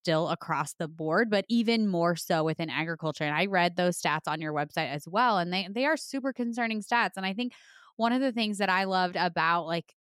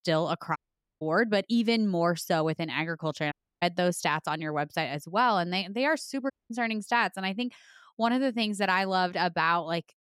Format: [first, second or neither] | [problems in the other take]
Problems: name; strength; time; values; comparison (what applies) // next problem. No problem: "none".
first | audio cutting out; at 0.5 s, at 3.5 s and at 6.5 s